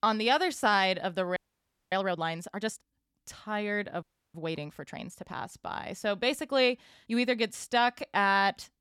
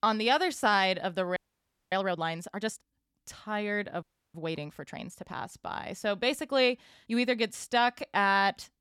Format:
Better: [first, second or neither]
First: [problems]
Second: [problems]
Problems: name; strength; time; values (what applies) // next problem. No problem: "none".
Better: neither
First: audio freezing; at 1.5 s for 0.5 s and at 4 s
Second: audio freezing; at 1.5 s for 0.5 s and at 4 s